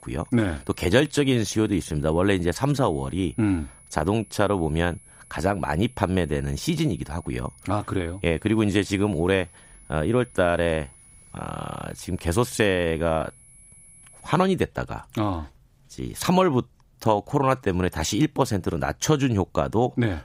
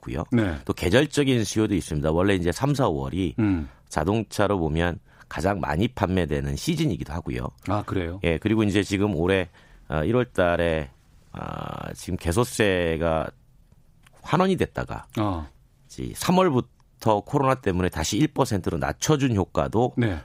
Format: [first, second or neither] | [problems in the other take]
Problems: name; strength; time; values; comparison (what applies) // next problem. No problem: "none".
second | high-pitched whine; faint; until 14 s; 10.5 kHz, 25 dB below the speech